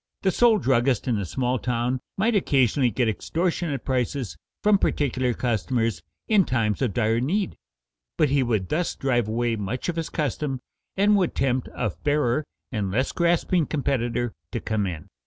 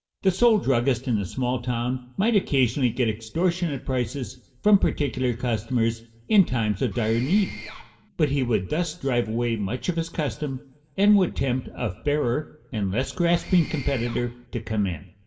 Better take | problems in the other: first | background sound (Mechanisms); 15 dB below the speech // room echo; dies away in 0.7 s

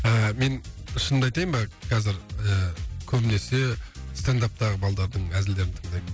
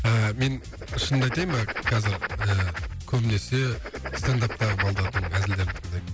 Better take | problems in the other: first | background sound (Writing); 9 dB below the speech

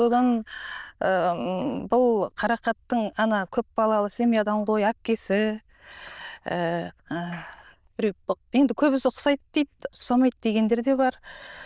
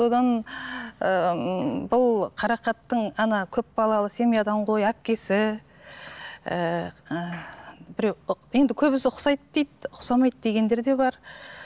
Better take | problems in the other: second | noise reduction (neural diffusion model UNIVERSE++)

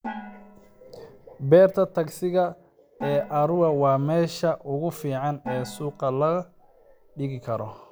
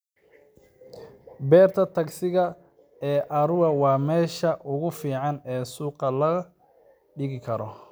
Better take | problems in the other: second | background sound (Gong); 18 dB below the speech

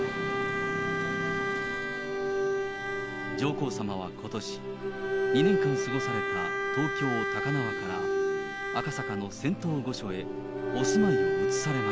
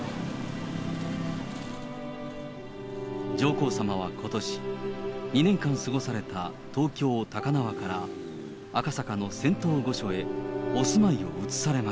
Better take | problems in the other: second | background sound (Bowed string instrument); 2 dB above the speech

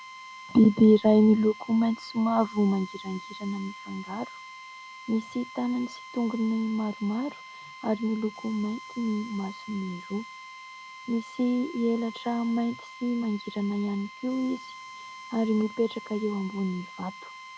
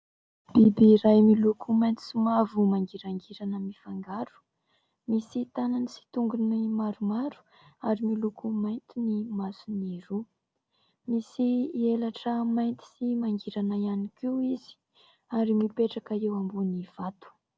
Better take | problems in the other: second | background sound (Drill); 17 dB below the speech

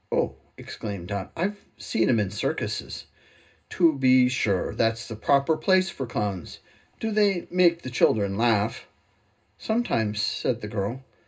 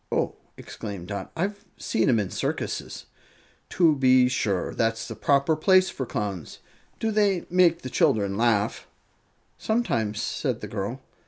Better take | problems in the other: second | room echo; dies away in 0.2 s

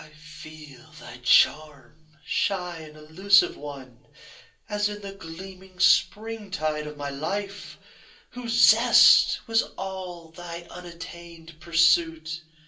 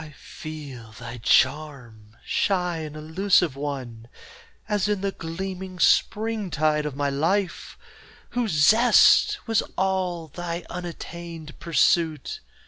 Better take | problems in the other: second | room echo; dies away in 0.3 s

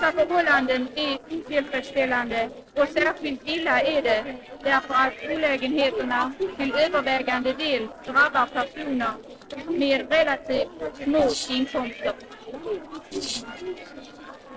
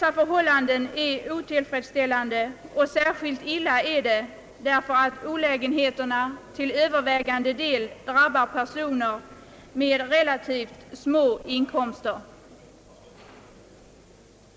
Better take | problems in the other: second | noise reduction (neural separator model SepFormer DNS4)

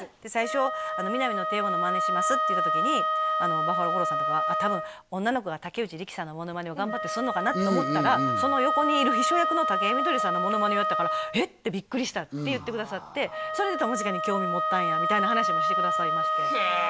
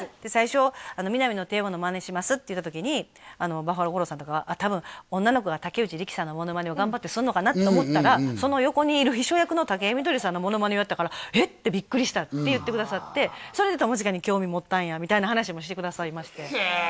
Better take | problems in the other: second | background sound (Wind instrument, woodwind instrument); 2 dB above the speech

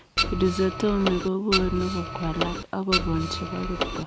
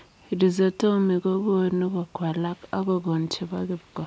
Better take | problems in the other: second | background sound (Printer); 2 dB below the speech

